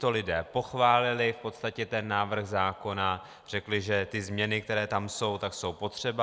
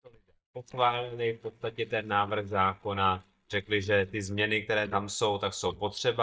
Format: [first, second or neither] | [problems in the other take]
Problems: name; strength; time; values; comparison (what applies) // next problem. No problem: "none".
first | noise reduction (neural mask model DeepFilterNet 3)